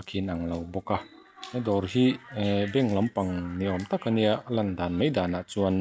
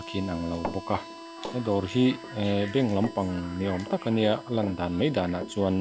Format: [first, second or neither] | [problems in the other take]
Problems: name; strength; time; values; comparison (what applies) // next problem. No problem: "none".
first | background sound (Harmonica + Run); 13 dB below the speech